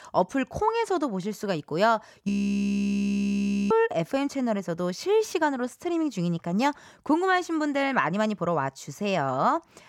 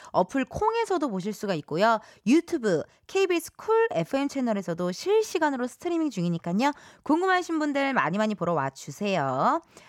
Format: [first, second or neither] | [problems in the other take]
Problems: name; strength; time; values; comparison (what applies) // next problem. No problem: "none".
second | audio freezing; at 2.5 s for 1.5 s